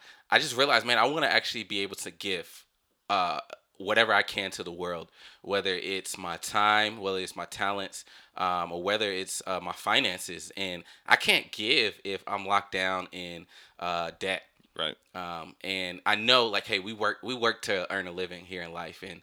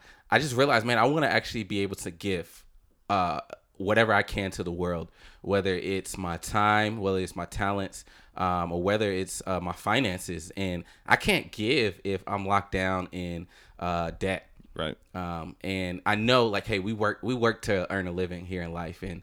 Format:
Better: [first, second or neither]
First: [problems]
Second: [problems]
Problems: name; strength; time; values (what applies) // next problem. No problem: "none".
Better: second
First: thin; somewhat; fading below 600 Hz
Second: none